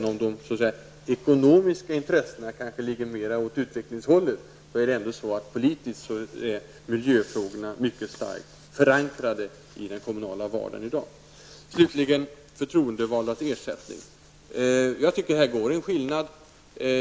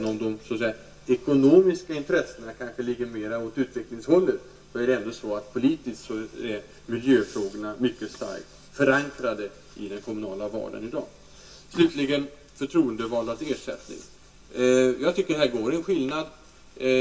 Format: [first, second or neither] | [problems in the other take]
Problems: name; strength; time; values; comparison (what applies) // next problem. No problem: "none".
first | room echo; dies away in 0.2 s